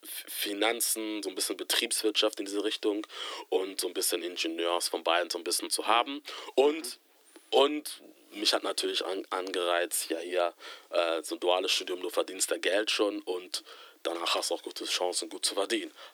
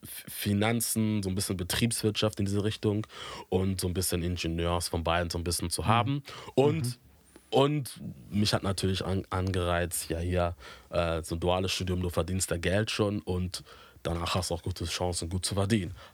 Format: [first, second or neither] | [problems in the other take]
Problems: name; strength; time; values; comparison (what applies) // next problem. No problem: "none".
second | thin; very; fading below 300 Hz